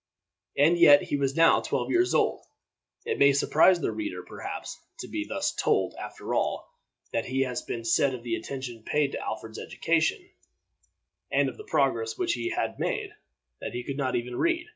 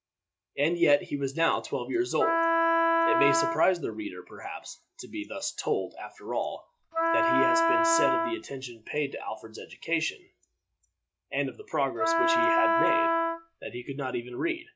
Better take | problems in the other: first | background sound (Wind instrument, woodwind instrument); 5 dB above the speech

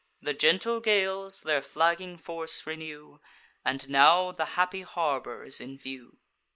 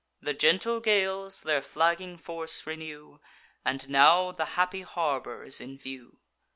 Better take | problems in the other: second | noise reduction (neural mask model Resemble Enhance denoiser)

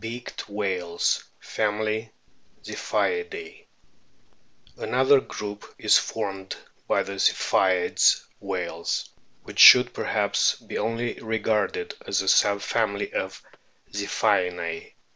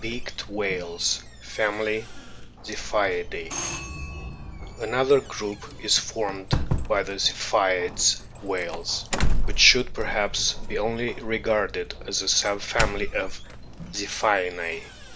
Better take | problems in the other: first | background sound (Doorbell); 3 dB below the speech

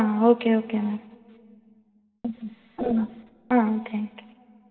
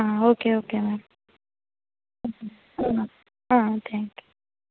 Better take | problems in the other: second | room echo; dies away in 2.2 s

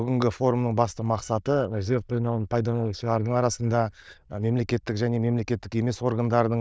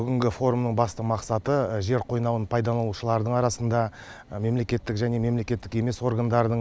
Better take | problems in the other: second | noise reduction (neural diffusion model UNIVERSE++)

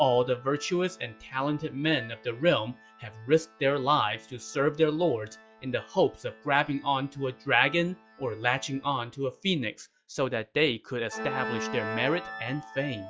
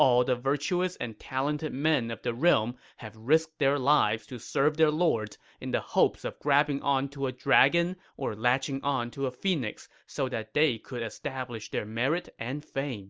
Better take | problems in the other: second | noise reduction (classical method log-MMSE)

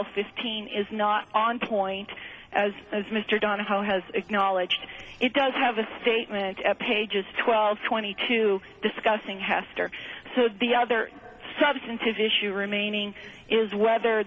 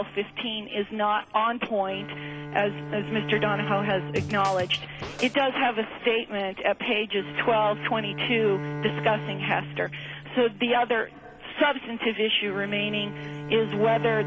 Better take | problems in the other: first | background sound (Scratching (performance technique) + Bowed string instrument); 10 dB below the speech

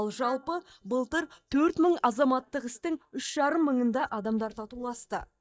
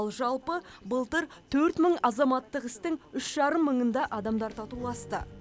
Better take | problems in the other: second | noise reduction (neural mask model DeepFilterNet 3)

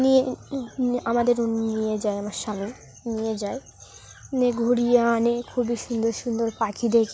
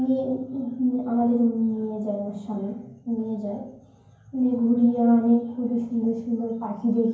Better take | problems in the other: first | room echo; dies away in 0.9 s

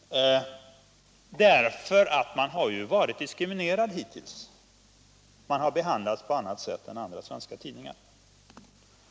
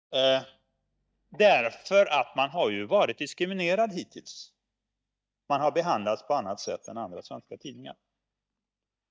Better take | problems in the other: first | noise reduction (neural mask model DeepFilterNet 3)

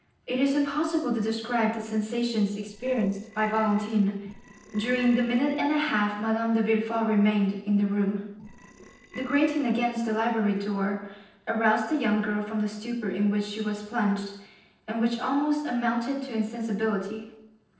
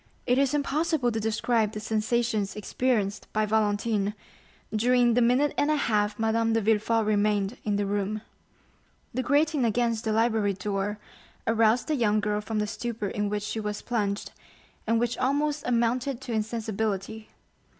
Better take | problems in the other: second | noise reduction (neural separator model SepFormer DNS4)

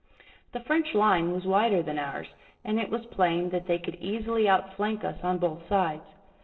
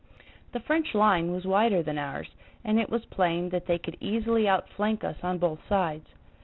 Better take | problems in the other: second | noise reduction (neural separator model SepFormer DNS4)

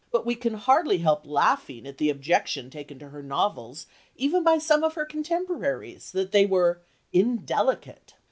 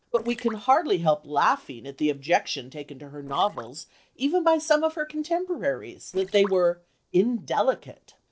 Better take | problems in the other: first | noise reduction (neural separator model SepFormer DNS4)

